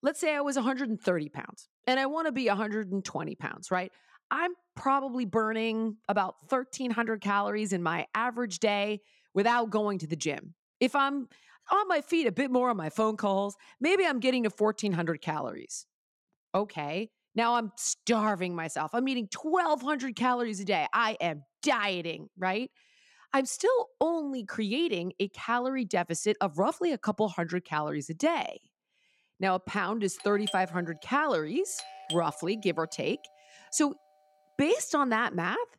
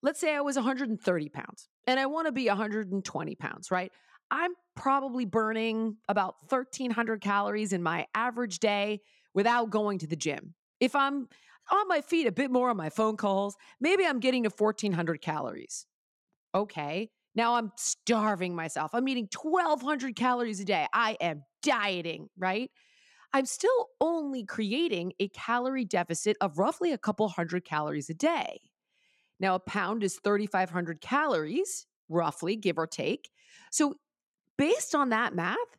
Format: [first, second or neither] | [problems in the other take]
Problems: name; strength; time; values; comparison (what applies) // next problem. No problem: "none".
second | doorbell; noticeable; from 30 to 32 s; peak 8 dB below the speech